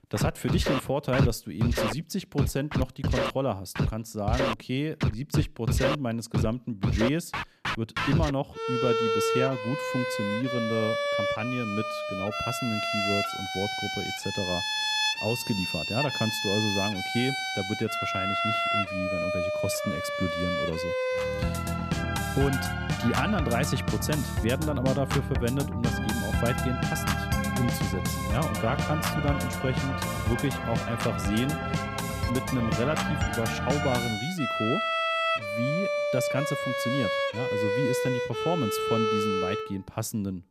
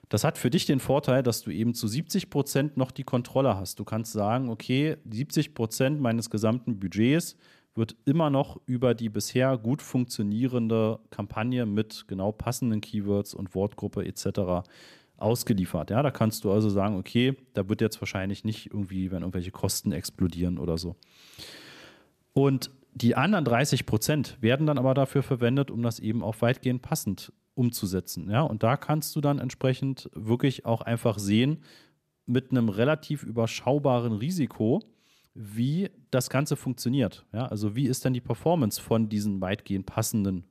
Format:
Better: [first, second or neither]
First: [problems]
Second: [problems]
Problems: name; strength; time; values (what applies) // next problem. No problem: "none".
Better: second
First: background music; very loud; throughout; 2 dB above the speech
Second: none